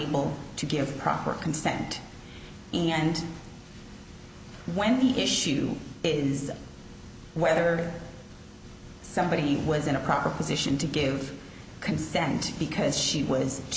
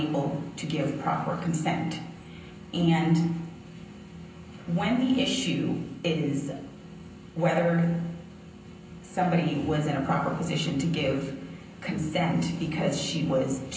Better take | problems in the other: first | room echo; dies away in 0.6 s

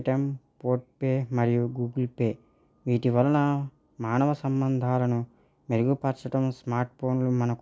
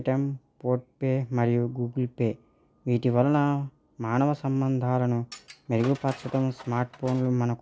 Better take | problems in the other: first | background sound (Tools); 19 dB below the speech

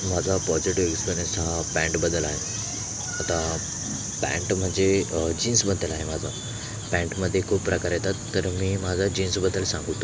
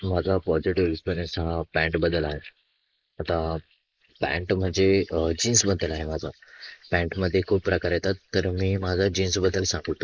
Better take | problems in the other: first | noise reduction (neural mask model Resemble Enhance denoiser)

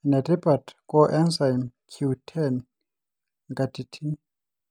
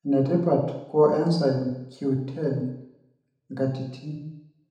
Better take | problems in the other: first | room echo; dies away in 0.8 s

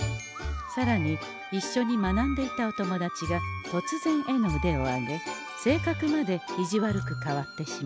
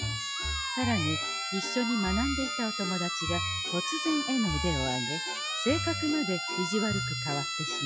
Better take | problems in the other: first | noise reduction (classical method log-MMSE)

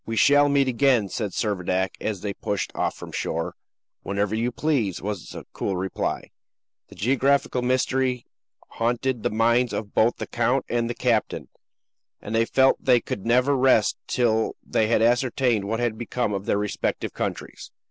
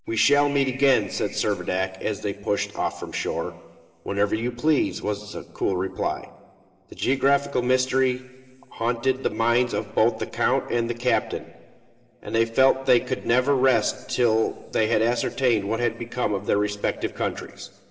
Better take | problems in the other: first | background sound (Bird); 16 dB below the speech // room echo; dies away in 2.2 s

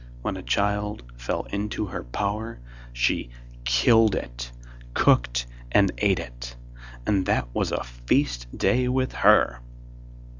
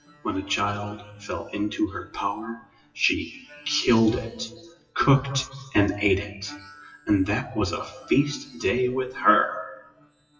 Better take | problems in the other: first | noise reduction (classical method WPE with log-MMSE)

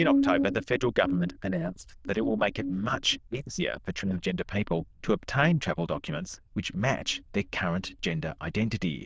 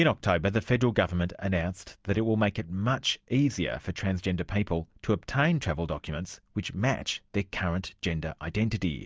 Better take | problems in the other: second | noise reduction (neural diffusion model UNIVERSE++)

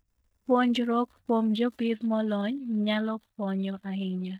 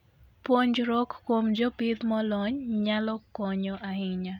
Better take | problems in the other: second | noise reduction (neural mask model DeepFilterNet 3)

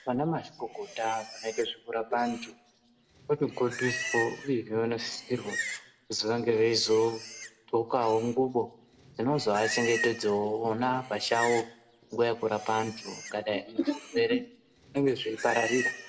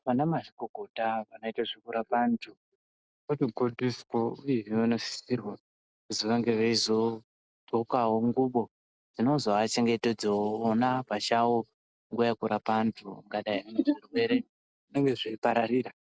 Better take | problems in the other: second | background sound (Livestock, farm animals, working animals); 10 dB below the speech // room echo; dies away in 0.4 s

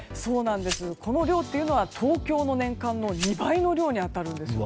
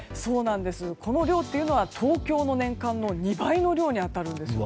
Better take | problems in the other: second | background sound (Glass); 15 dB below the speech

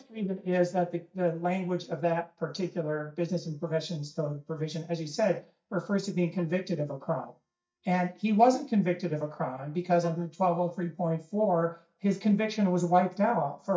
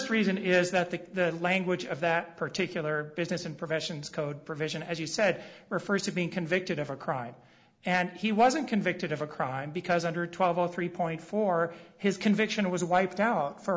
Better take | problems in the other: second | noise reduction (neural mask model DeepFilterNet 3)

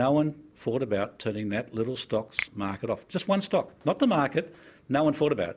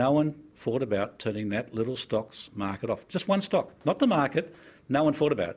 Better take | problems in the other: second | background sound (Finger snapping); 15 dB below the speech

